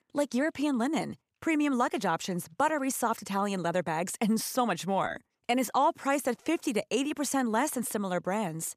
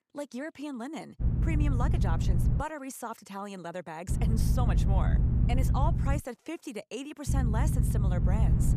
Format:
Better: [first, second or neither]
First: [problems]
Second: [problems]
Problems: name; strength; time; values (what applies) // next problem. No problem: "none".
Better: first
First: none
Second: low rumble; loud; from 1 to 2.5 s, from 4 to 6 s and from 7.5 s on; 3 dB below the speech